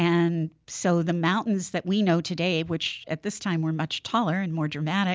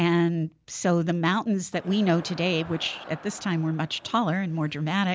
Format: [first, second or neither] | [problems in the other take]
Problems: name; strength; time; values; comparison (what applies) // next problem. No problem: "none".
first | background sound (Crowd); 20 dB below the speech